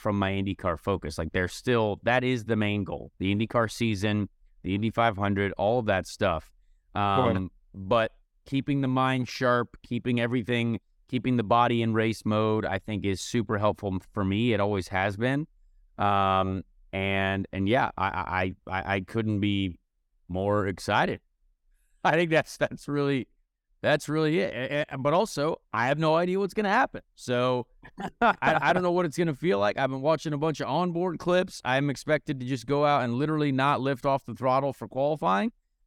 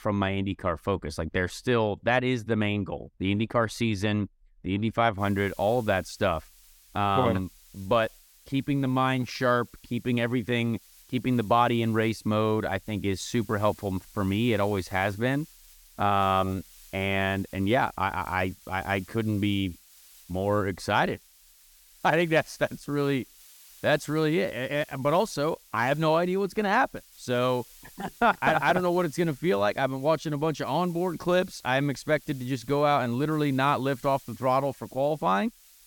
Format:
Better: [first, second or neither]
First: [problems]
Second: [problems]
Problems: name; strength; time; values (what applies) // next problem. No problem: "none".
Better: first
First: none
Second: hiss; faint; from 5 s on; 25 dB below the speech